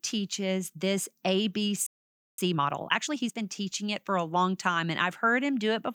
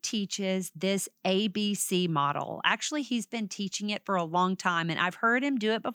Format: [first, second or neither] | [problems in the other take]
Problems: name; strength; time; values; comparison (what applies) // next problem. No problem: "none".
second | audio freezing; at 2 s for 0.5 s